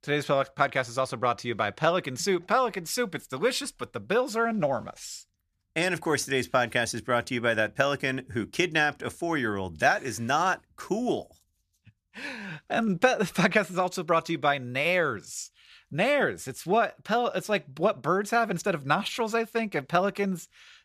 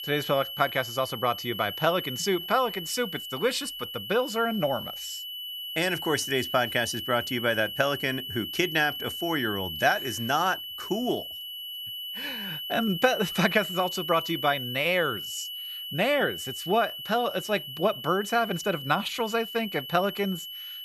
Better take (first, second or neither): first